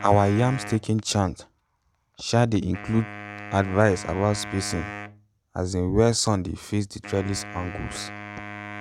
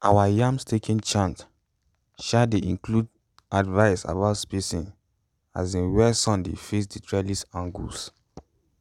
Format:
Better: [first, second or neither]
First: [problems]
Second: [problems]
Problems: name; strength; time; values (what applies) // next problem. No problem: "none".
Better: second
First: background sound (Wind instrument, woodwind instrument); 14 dB below the speech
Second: none